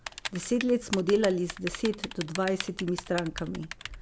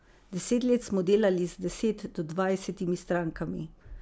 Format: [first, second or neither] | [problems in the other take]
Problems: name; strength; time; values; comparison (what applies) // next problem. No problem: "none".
second | background sound (Typing); 10 dB below the speech